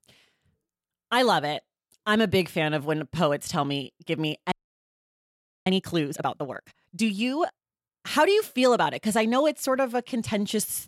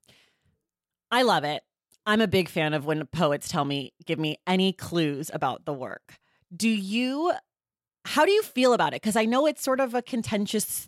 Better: second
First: audio freezing; at 4.5 s for 1 s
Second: none

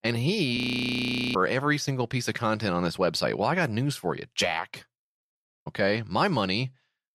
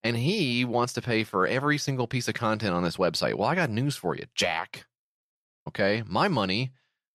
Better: second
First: audio freezing; at 0.5 s for 1 s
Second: none

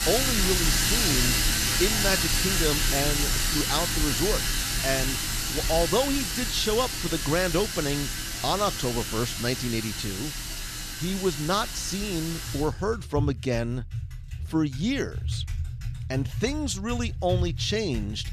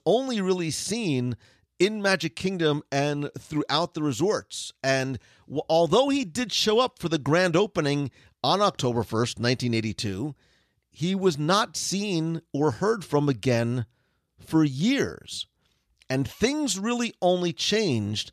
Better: second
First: household noises; very loud; throughout; 2 dB above the speech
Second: none

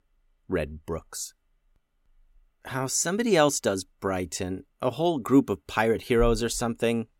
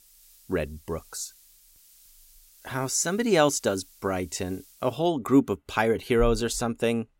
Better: first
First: none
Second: hiss; faint; until 5 s; 25 dB below the speech

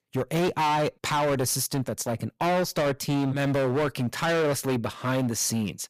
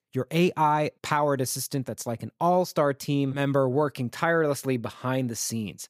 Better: second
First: distortion; heavy; 22% of the sound clipped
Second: none

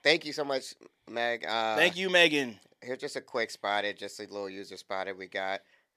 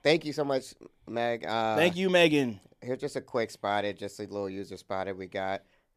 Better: second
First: thin; very slightly; fading below 850 Hz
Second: none

